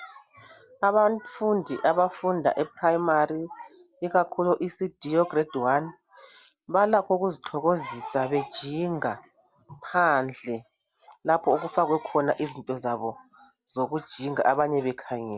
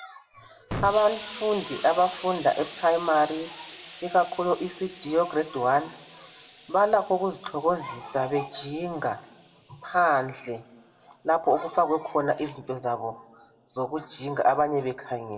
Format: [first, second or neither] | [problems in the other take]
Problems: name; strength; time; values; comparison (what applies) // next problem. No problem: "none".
first | background sound (Explosion); 18 dB below the speech // room echo; dies away in 0.3 s